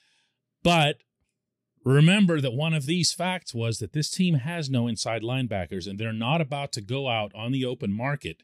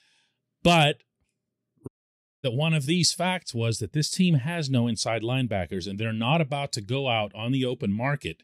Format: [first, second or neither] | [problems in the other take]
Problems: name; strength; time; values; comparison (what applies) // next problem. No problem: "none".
first | audio cutting out; at 2 s for 0.5 s